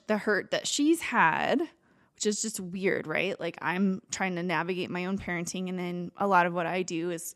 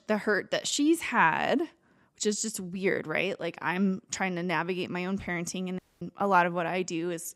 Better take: first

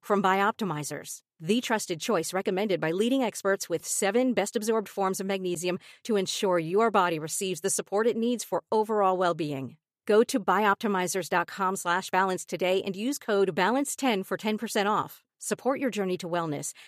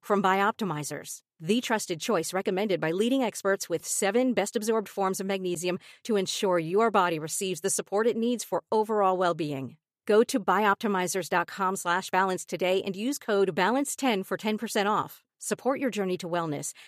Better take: neither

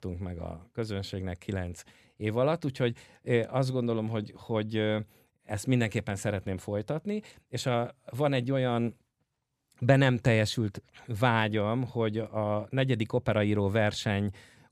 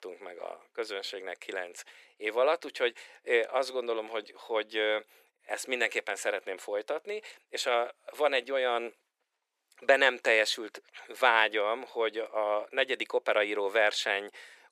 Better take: first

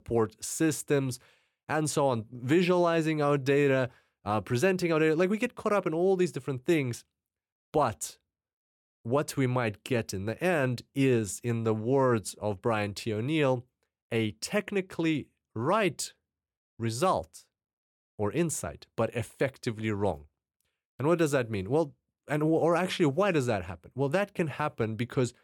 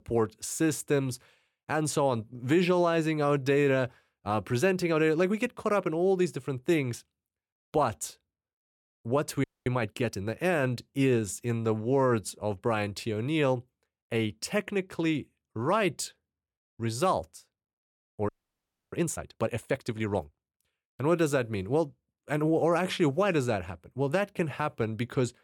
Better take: first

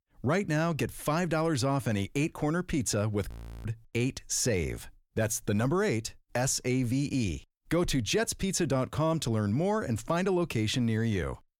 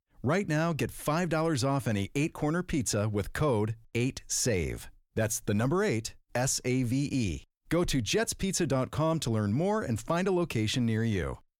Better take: second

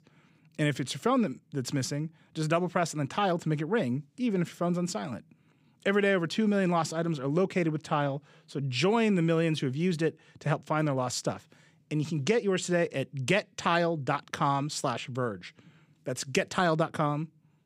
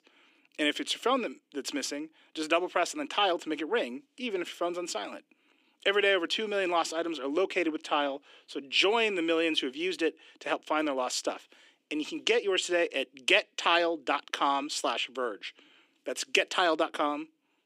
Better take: first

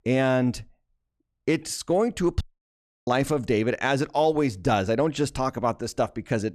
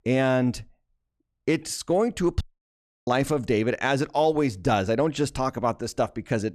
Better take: neither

